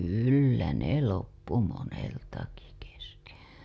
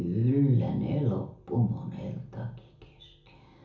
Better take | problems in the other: first | room echo; dies away in 0.5 s

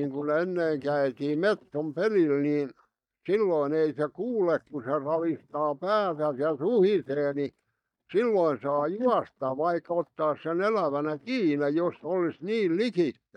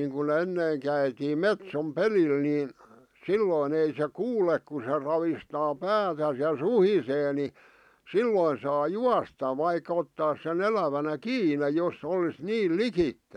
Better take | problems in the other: second | noise reduction (neural mask model DeepFilterNet 3)

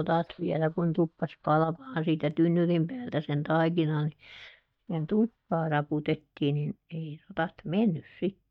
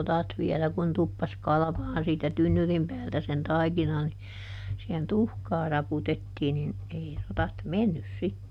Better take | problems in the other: second | noise reduction (neural mask model DeepFilterNet 3)

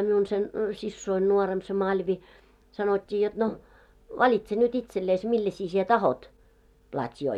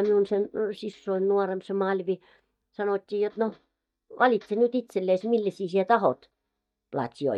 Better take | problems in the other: first | noise reduction (neural mask model DeepFilterNet 3)

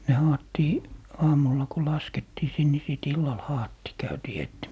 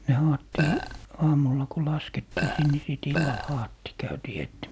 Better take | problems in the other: first | background sound (Burping, eructation); 6 dB below the speech

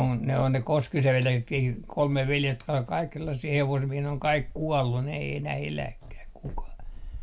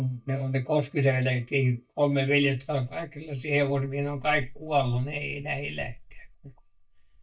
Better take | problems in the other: first | noise reduction (neural mask model DeepFilterNet 3)

